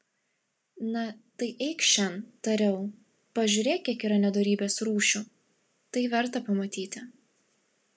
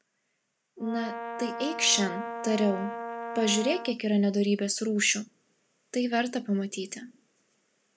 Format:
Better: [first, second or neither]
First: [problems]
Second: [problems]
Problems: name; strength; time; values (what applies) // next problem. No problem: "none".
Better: first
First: none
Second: background sound (Brass instrument); 7 dB below the speech